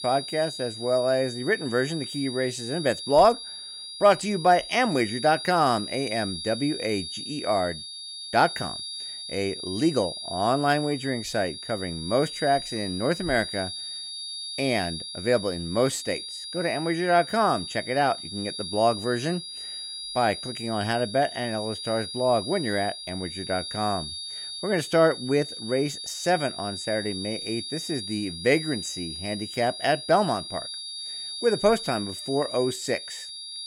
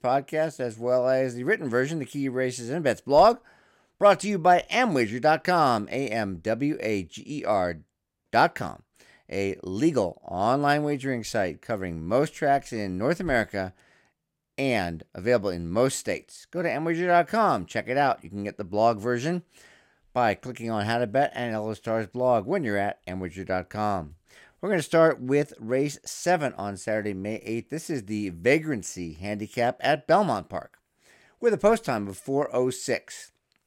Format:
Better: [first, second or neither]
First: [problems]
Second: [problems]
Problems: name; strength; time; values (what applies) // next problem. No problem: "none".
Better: second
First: high-pitched whine; loud; throughout; 5 kHz, 8 dB below the speech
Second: none